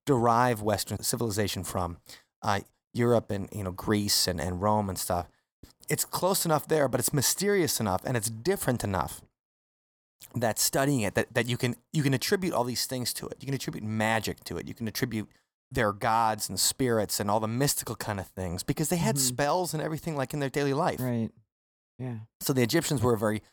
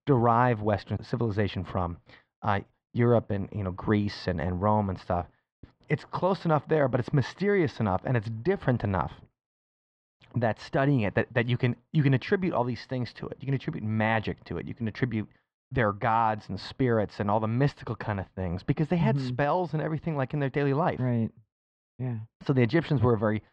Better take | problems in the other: first | muffled; very; fading above 3 kHz

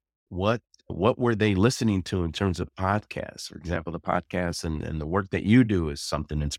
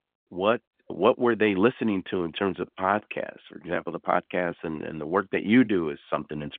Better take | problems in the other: first | phone-call audio; nothing above 3.5 kHz

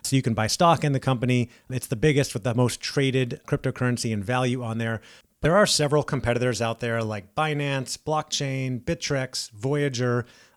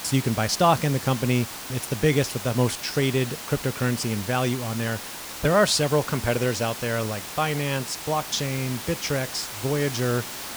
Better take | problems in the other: first | hiss; loud; throughout; 9 dB below the speech

